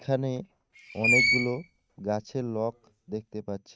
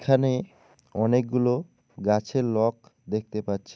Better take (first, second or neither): second